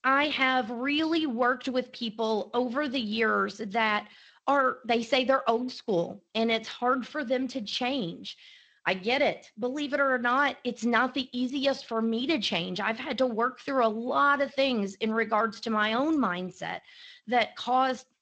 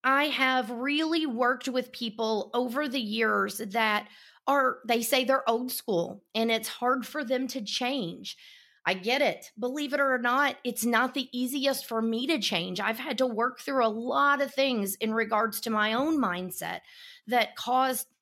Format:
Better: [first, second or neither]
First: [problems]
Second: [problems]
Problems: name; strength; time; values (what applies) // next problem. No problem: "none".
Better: second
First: garbled, watery; slightly; nothing above 7.5 kHz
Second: none